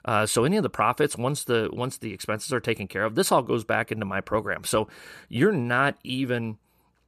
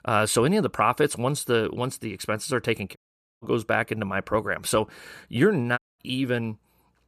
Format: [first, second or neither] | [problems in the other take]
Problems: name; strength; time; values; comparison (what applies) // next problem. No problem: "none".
first | audio cutting out; at 3 s and at 6 s